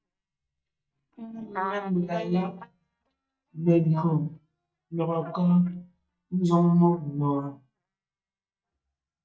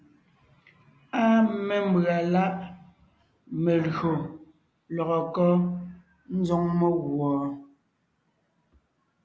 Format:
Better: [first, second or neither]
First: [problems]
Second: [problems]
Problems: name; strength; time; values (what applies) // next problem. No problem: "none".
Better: second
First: noise reduction (neural mask model DeepFilterNet 3)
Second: none